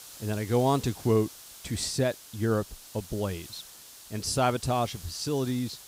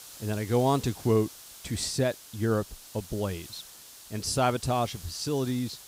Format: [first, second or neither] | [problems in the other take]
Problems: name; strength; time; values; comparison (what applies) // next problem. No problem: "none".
neither | hiss; noticeable; throughout; 15 dB below the speech; the same in both